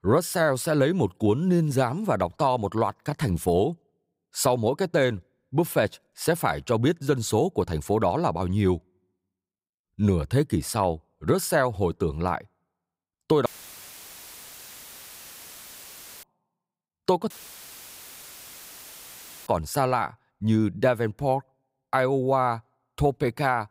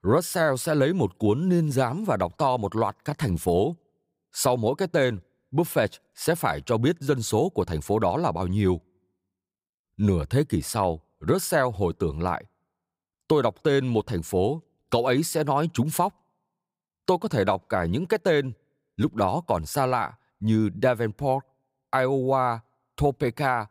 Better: second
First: audio cutting out; filled with static; at 13 s for 3 s and at 17 s for 2 s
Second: none

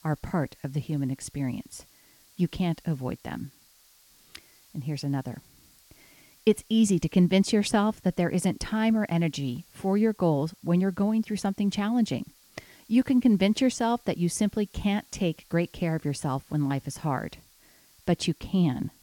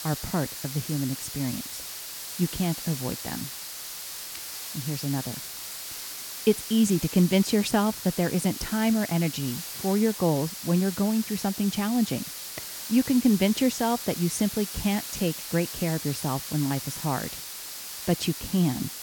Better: first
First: hiss; faint; throughout; 30 dB below the speech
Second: hiss; loud; throughout; 8 dB below the speech

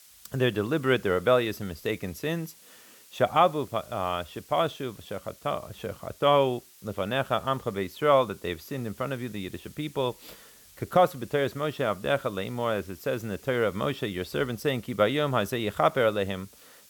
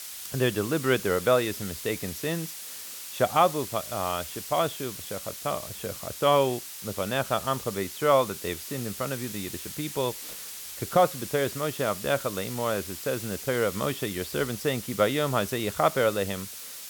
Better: first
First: hiss; faint; throughout; 25 dB below the speech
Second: hiss; loud; throughout; 9 dB below the speech

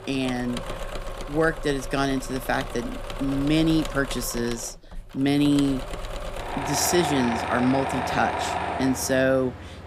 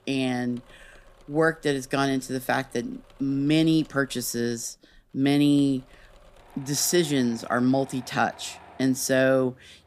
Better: second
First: machinery noise; loud; throughout; 7 dB below the speech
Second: machinery noise; faint; throughout; 25 dB below the speech

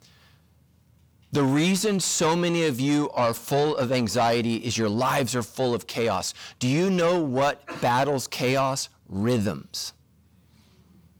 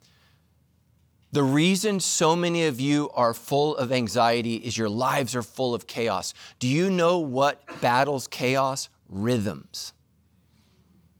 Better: second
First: distortion; slight; 10 dB below the speech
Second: none

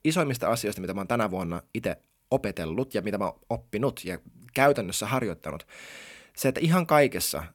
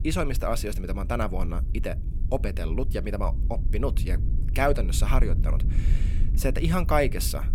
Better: first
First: none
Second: wind noise on the microphone; occasional gusts; 15 dB below the speech

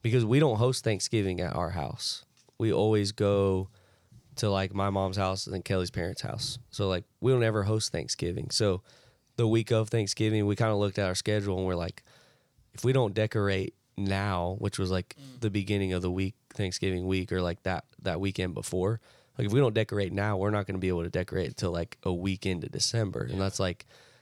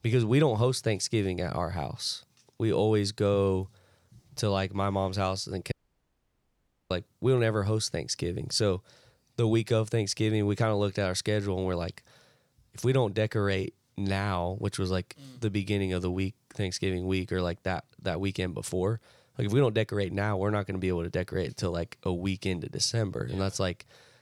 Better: first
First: none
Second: audio cutting out; at 5.5 s for 1 s

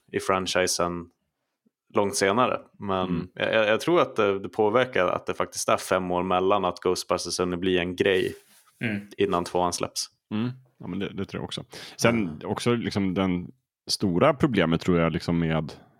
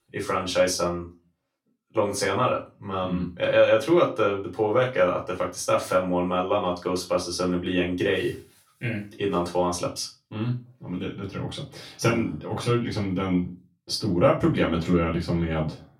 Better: first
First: none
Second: off-mic speech; far // room echo; very slight; dies away in 0.3 s

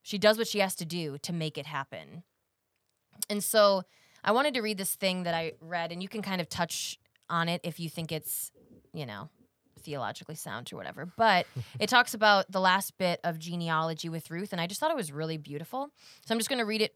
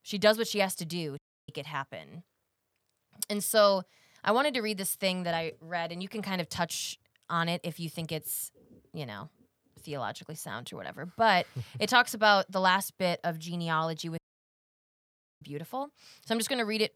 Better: first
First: none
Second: audio cutting out; at 1 s and at 14 s for 1 s

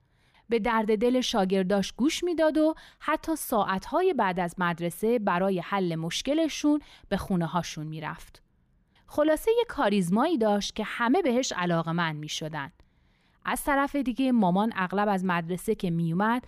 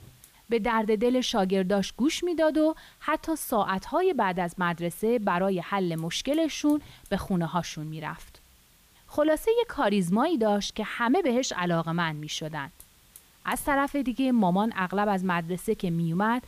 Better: first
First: none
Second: hiss; faint; throughout; 30 dB below the speech

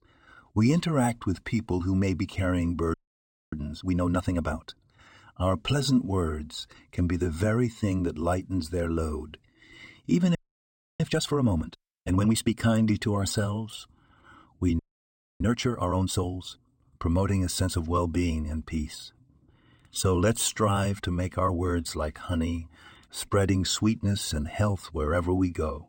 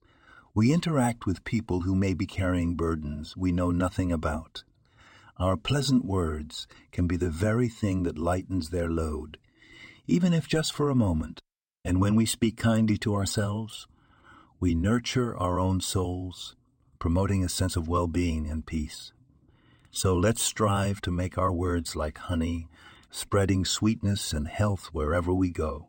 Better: second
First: audio freezing; at 3 s for 0.5 s, at 10 s for 0.5 s and at 15 s for 0.5 s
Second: none

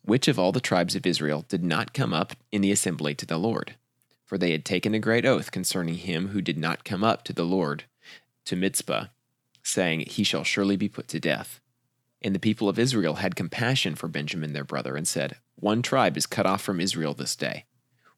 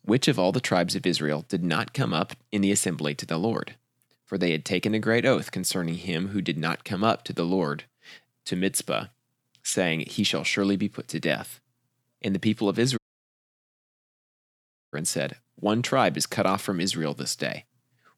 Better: first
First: none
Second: audio cutting out; at 13 s for 2 s

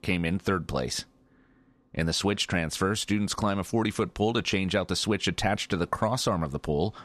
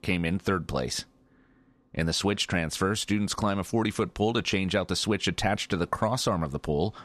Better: neither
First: none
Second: none

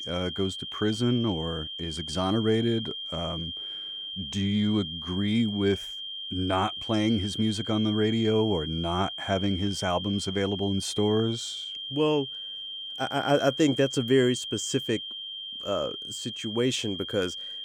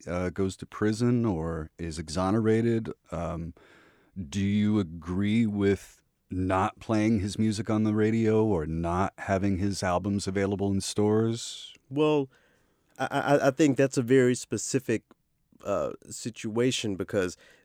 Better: second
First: high-pitched whine; loud; throughout; 3 kHz, 6 dB below the speech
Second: none

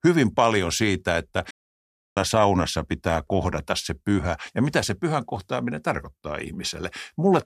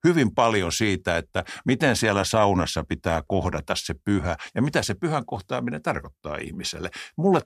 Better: second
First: audio cutting out; at 1.5 s for 0.5 s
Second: none

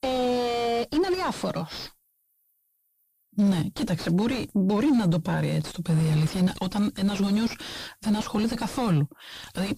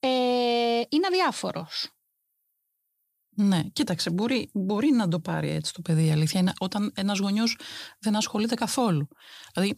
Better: second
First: distortion; heavy; 6 dB below the speech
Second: none

